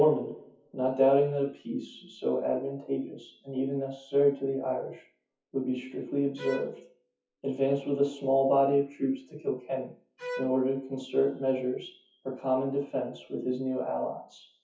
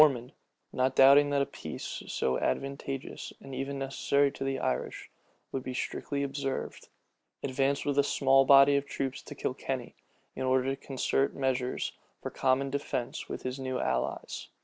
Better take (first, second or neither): second